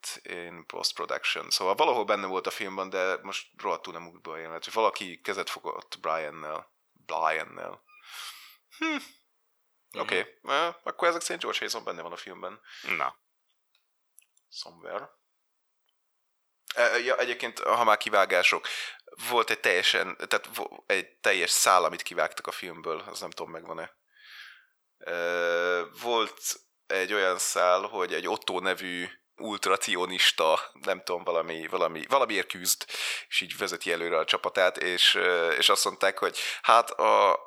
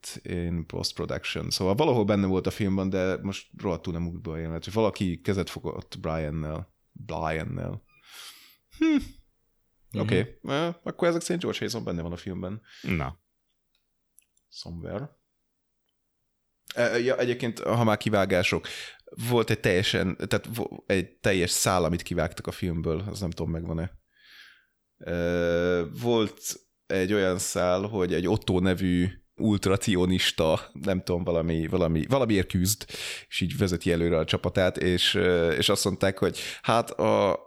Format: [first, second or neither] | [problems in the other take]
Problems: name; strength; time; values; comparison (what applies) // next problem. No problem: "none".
second | thin; very; fading below 700 Hz